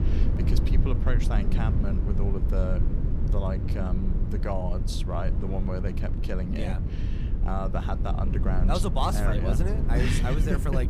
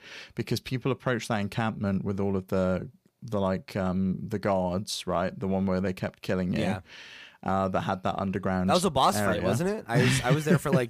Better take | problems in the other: second | low rumble; loud; throughout; 6 dB below the speech

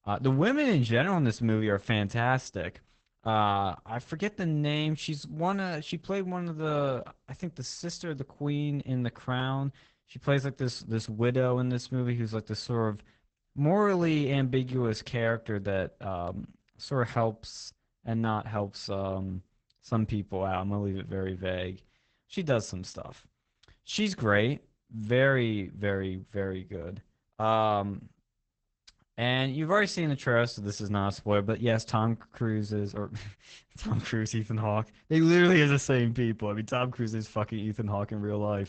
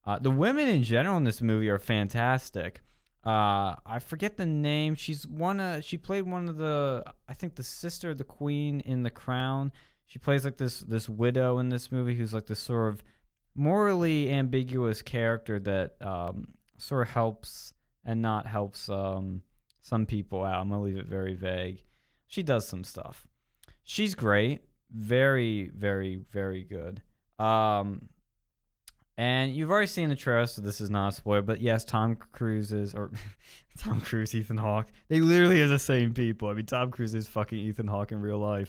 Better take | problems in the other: second | garbled, watery; badly; nothing above 8 kHz; slightly in the second

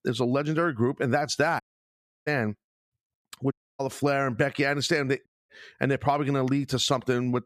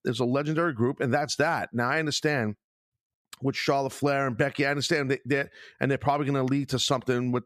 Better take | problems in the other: second | audio cutting out; at 1.5 s for 0.5 s, at 3.5 s and at 5.5 s

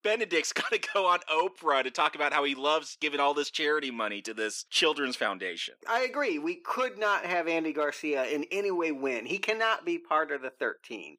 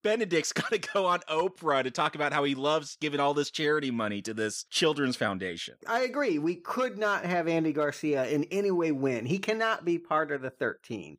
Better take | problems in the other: second | thin; somewhat; fading below 300 Hz

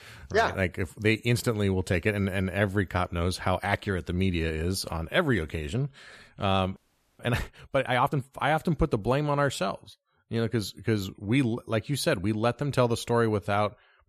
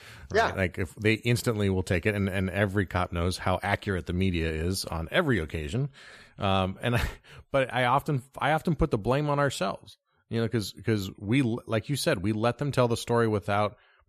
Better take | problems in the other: second | audio freezing; at 7 s

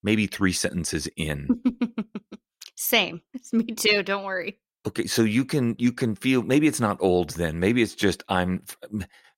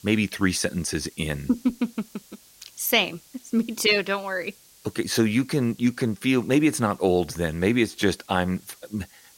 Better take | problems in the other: first | hiss; faint; throughout; 25 dB below the speech

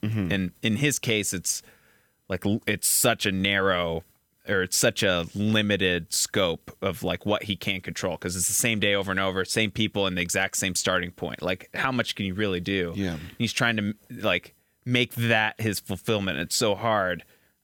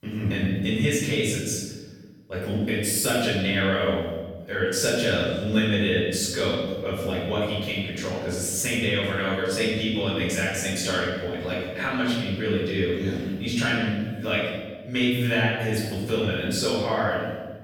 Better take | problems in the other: first | off-mic speech; far // room echo; strong; dies away in 1.3 s

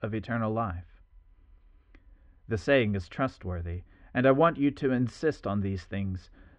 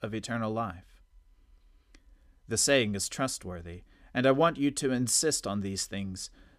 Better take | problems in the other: second | muffled; very; fading above 2.5 kHz

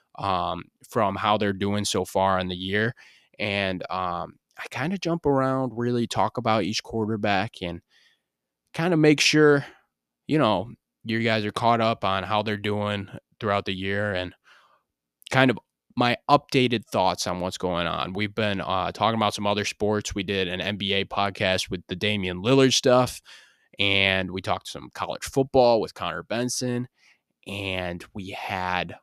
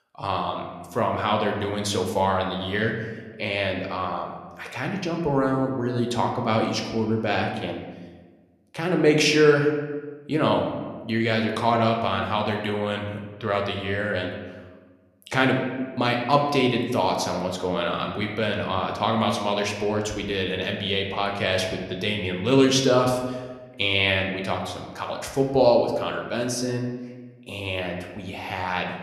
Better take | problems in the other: first | room echo; slight; dies away in 1.1 s

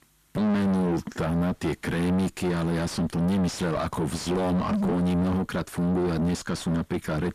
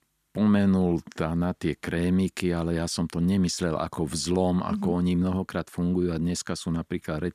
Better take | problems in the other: second | distortion; heavy; 7 dB below the speech

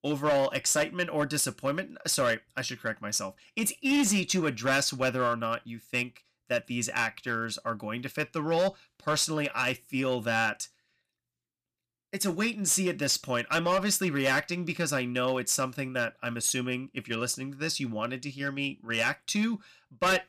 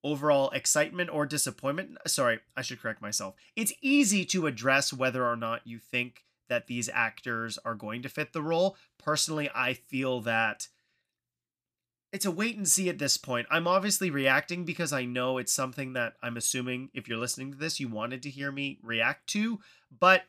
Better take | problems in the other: second | distortion; slight; 5% of the sound clipped

